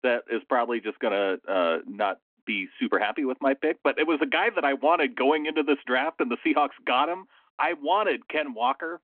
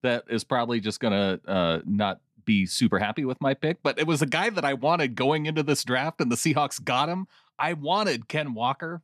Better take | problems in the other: second | phone-call audio

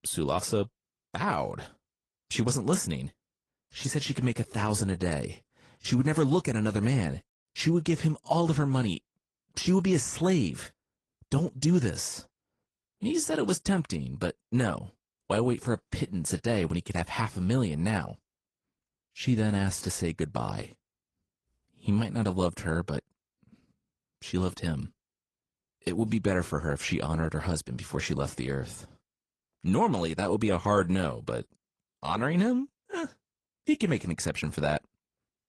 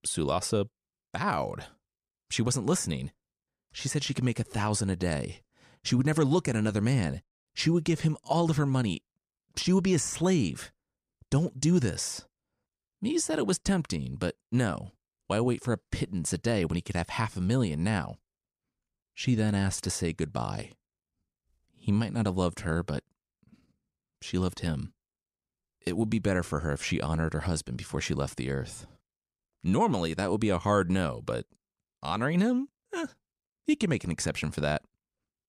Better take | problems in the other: second | garbled, watery; slightly

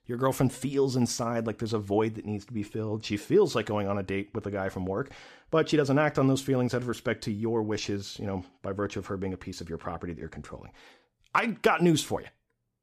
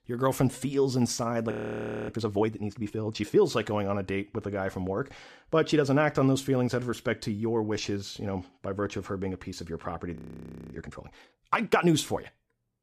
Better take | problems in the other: first | audio freezing; at 1.5 s for 0.5 s and at 10 s for 0.5 s

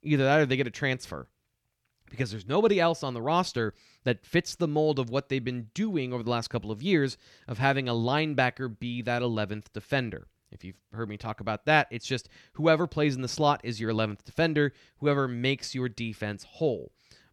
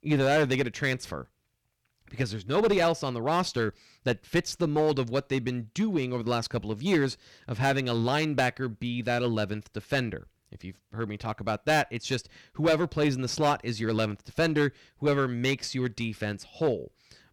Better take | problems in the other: first | distortion; slight; 4% of the sound clipped

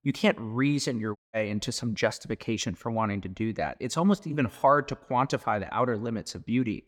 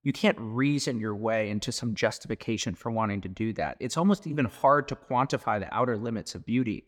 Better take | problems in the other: second | audio cutting out; at 1 s

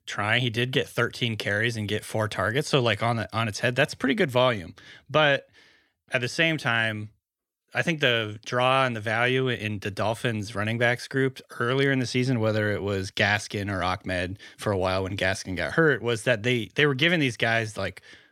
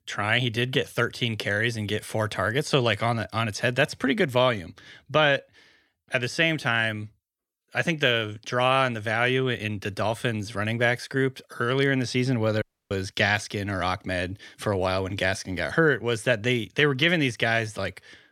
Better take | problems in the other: first | audio cutting out; at 13 s

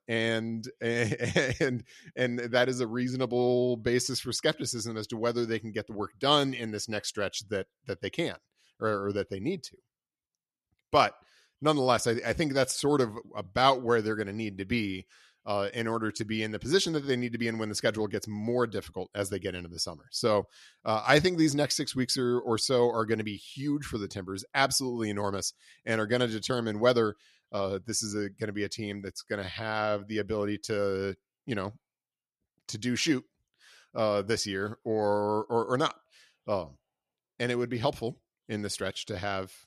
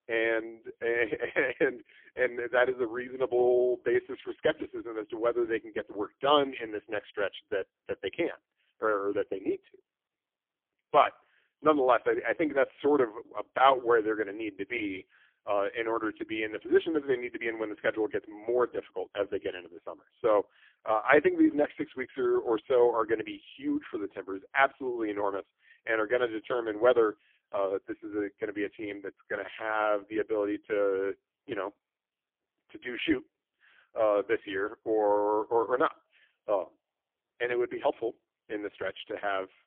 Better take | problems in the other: first | phone-call audio; poor line; nothing above 3.5 kHz

